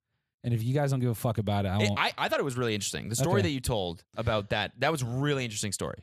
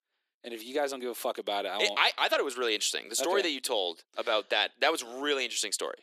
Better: first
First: none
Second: thin; very; fading below 300 Hz

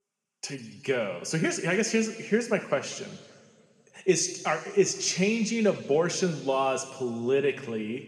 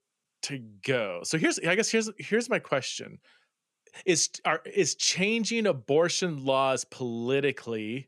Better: second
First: room echo; slight; dies away in 1.6 s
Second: none

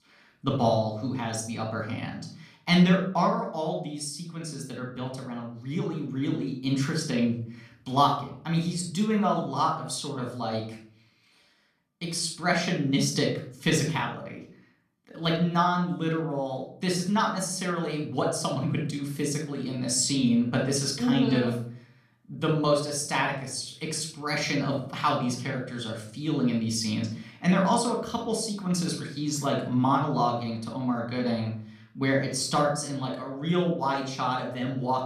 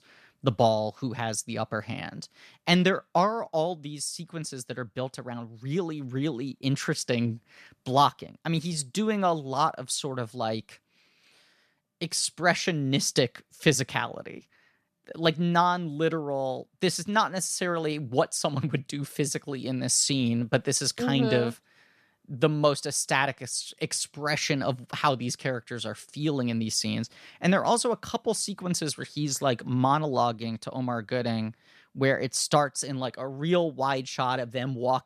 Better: second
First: room echo; slight; dies away in 0.5 s // off-mic speech; somewhat distant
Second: none

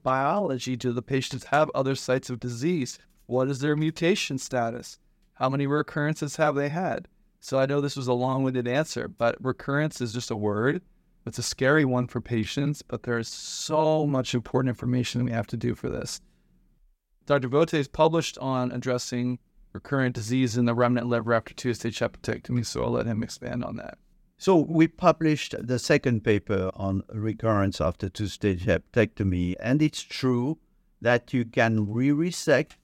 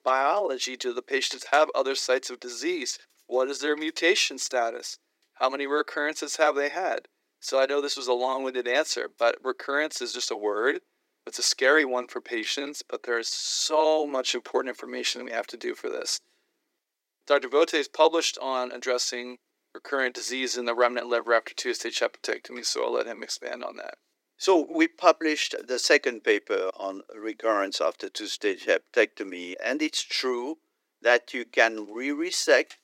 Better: first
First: none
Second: thin; very; fading below 350 Hz

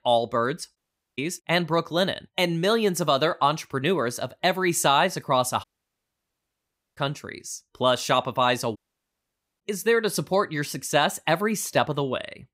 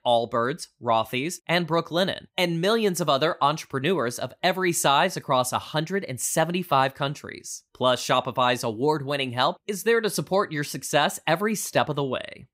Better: second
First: audio cutting out; at 1 s, at 5.5 s for 1.5 s and at 9 s for 1 s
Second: none

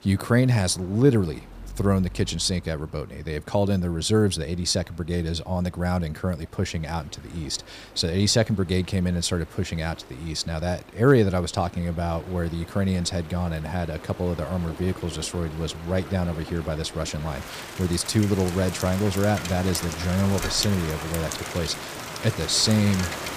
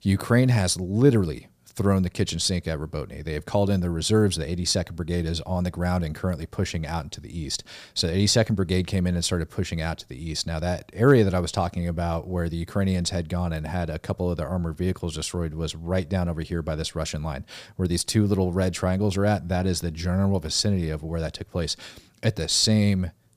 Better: second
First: rain or running water; noticeable; throughout; 10 dB below the speech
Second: none

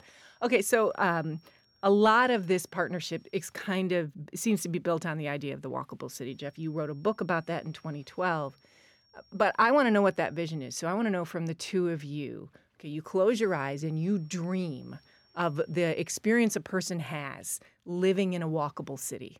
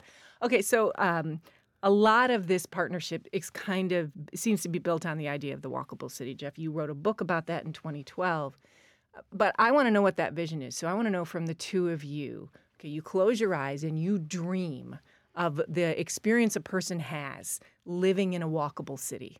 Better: second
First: high-pitched whine; faint; until 3.5 s, from 6.5 to 11 s and from 13 to 16 s; 5.5 kHz, 35 dB below the speech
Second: none

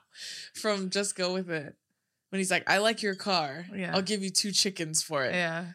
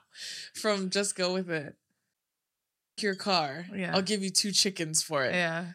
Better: first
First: none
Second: audio cutting out; at 2 s for 1 s

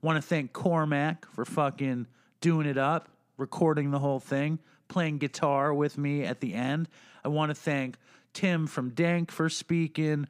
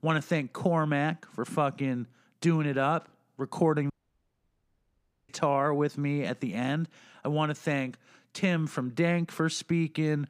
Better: first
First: none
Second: audio cutting out; at 4 s for 1.5 s

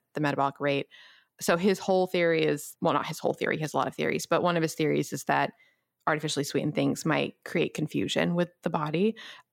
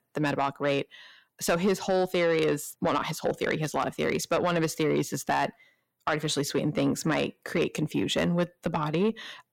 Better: first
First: none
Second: distortion; slight; 10 dB below the speech

